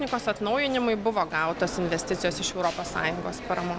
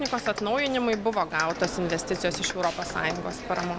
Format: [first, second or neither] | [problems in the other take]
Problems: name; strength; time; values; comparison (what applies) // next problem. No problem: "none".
first | background sound (Clapping); 12 dB below the speech